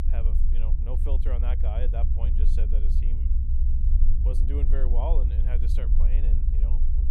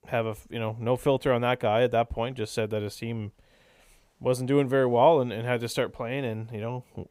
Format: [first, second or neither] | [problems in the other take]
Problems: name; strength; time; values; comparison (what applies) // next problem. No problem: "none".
second | low rumble; loud; throughout; 5 dB below the speech